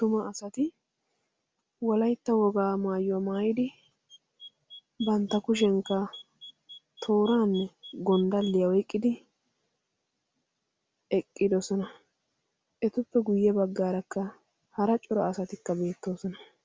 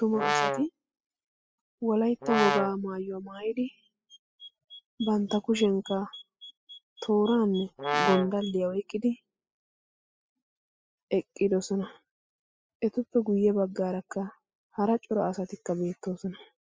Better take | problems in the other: first | noise reduction (classical method spectral subtraction)

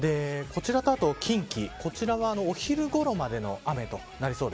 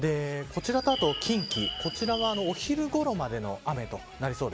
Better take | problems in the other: first | background sound (Bird); 7 dB below the speech

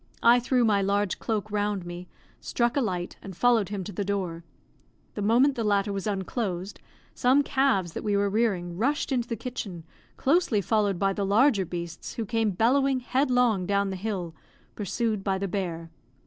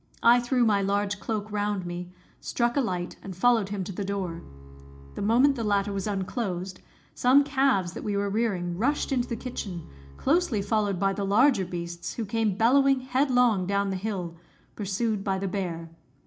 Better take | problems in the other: first | background sound (Bowed string instrument); 18 dB below the speech // room echo; dies away in 0.4 s

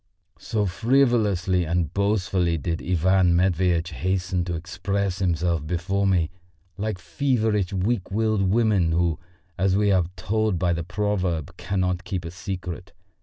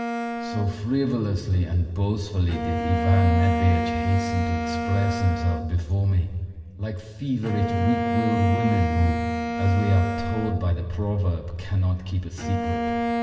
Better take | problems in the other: first | background sound (Bowed string instrument); 5 dB below the speech // room echo; dies away in 1.9 s

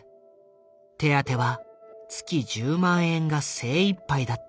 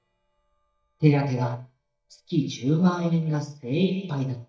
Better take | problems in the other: first | noise reduction (neural mask model DeepFilterNet 3)

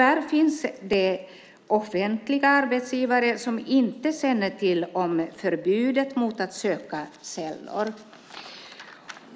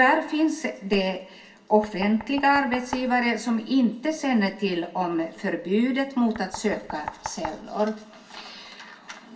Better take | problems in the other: first | background sound (Knock); 16 dB below the speech // room echo; dies away in 0.2 s

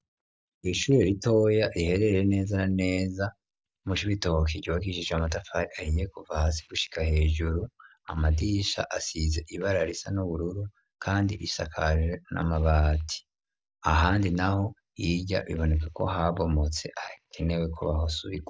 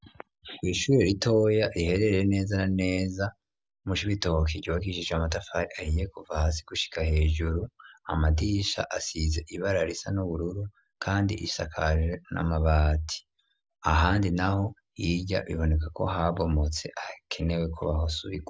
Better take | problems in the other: second | noise reduction (neural mask model DeepFilterNet 3)

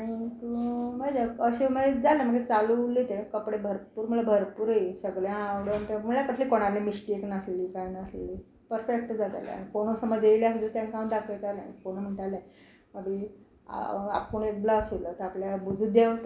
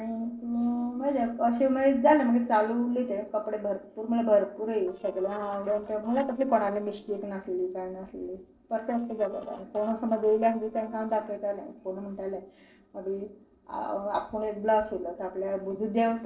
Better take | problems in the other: first | noise reduction (neural separator model SepFormer DNS4)

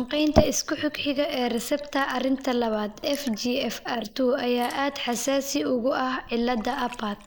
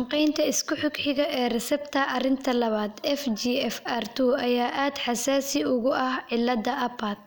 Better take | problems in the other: second | noise reduction (neural mask model Resemble Enhance denoiser)

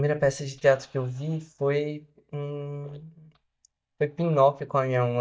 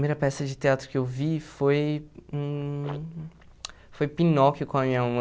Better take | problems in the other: second | noise reduction (neural mask model DeepFilterNet 3)

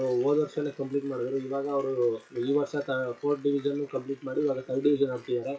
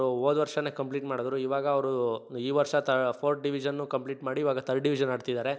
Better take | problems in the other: second | noise reduction (classical method WPE with log-MMSE)

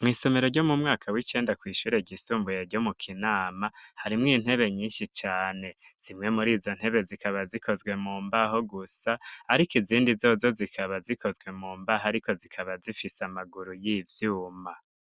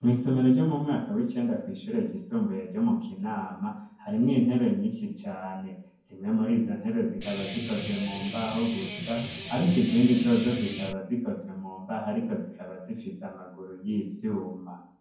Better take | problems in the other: first | background sound (Guitar); 10 dB below the speech // room echo; dies away in 0.9 s

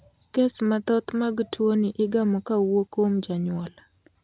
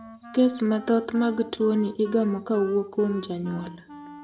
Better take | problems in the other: first | background sound (Wind instrument, woodwind instrument); 18 dB below the speech // room echo; dies away in 0.4 s

